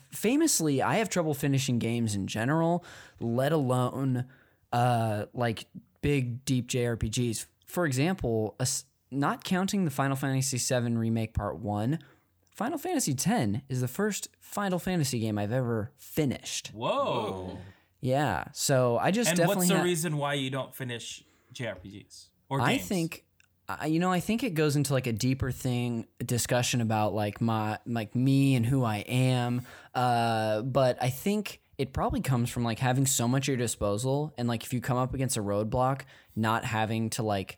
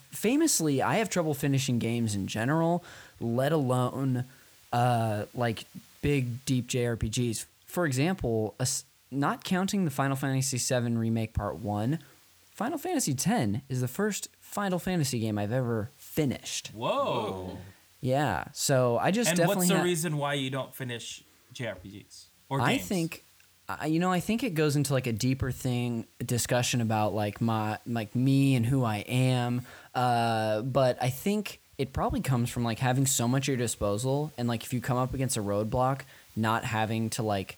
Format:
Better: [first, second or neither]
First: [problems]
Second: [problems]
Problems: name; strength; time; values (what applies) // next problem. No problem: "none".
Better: first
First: none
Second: hiss; faint; throughout; 30 dB below the speech